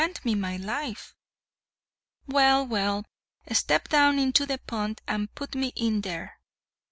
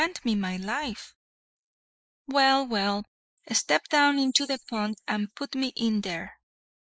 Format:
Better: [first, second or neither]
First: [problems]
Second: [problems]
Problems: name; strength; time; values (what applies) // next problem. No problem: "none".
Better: first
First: none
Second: noise reduction (neural mask model Resemble Enhance denoiser)